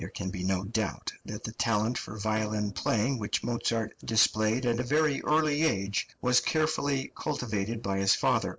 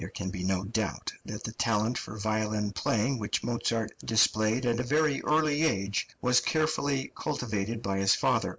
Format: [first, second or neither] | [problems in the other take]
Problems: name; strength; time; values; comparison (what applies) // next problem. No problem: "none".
second | noise reduction (neural separator model SepFormer DNS4)